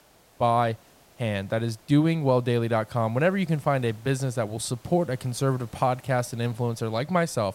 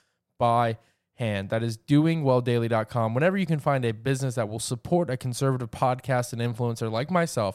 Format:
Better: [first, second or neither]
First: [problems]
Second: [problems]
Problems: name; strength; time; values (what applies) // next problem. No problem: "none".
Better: second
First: hiss; faint; throughout; 30 dB below the speech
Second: none